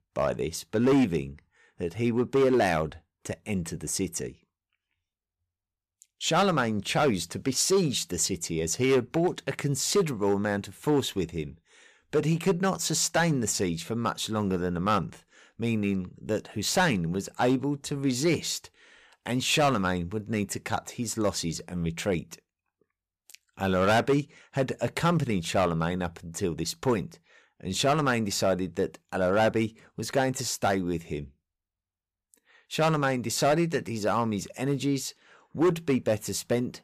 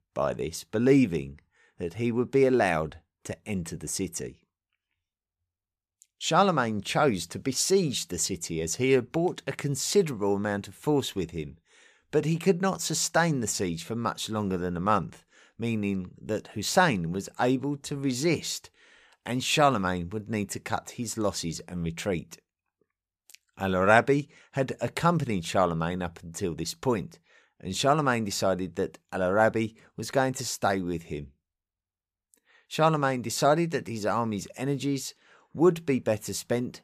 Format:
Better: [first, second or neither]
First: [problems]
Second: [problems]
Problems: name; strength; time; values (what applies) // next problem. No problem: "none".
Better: second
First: distortion; slight; 3% of the sound clipped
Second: none